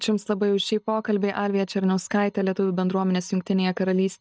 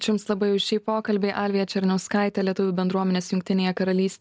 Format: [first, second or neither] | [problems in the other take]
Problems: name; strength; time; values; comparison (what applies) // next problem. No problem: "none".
second | noise reduction (neural mask model DeepFilterNet 3)